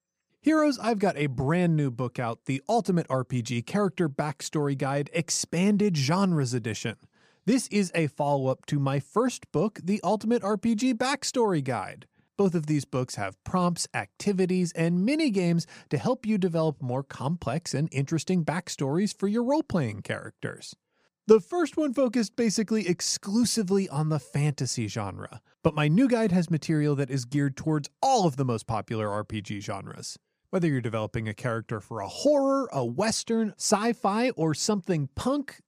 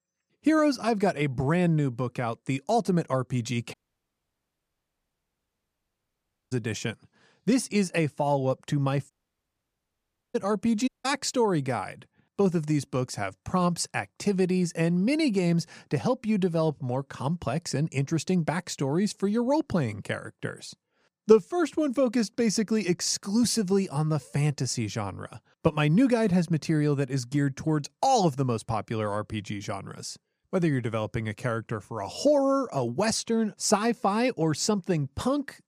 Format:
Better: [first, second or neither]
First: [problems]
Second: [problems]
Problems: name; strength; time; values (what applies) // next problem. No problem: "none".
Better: first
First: none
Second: audio cutting out; at 3.5 s for 3 s, at 9 s for 1 s and at 11 s